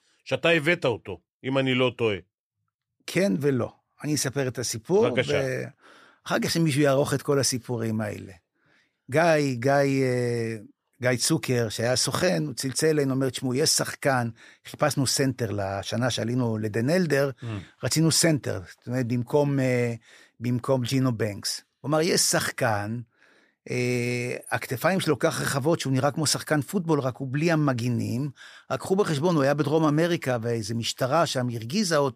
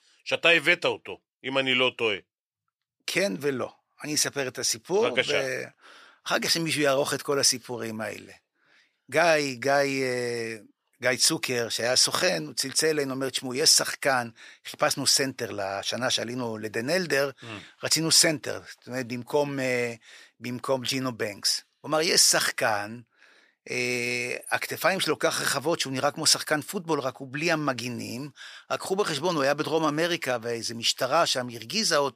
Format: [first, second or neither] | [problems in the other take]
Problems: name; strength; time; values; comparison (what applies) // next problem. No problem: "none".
first | thin; somewhat; fading below 1 kHz